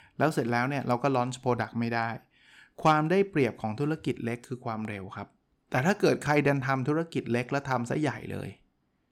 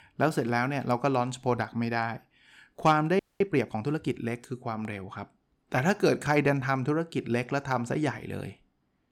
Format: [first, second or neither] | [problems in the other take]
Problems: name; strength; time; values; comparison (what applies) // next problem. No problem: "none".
first | audio freezing; at 3 s